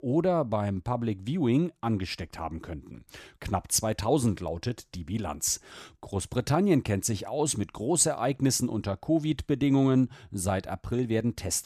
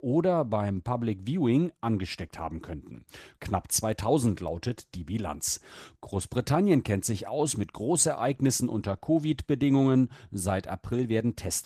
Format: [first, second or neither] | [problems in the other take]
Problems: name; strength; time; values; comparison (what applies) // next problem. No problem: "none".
first | garbled, watery; slightly; nothing above 14.5 kHz